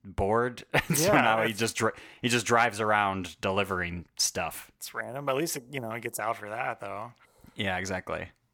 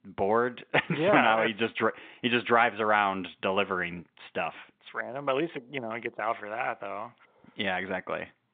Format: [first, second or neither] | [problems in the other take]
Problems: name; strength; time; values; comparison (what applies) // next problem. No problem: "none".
first | phone-call audio; nothing above 3 kHz